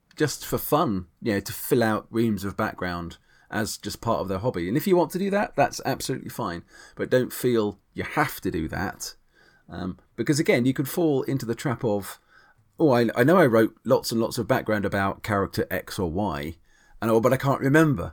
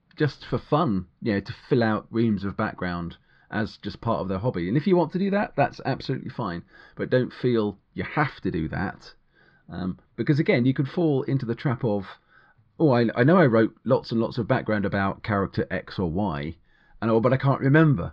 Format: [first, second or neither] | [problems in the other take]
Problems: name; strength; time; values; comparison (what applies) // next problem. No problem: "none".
first | muffled; very slightly; fading above 4 kHz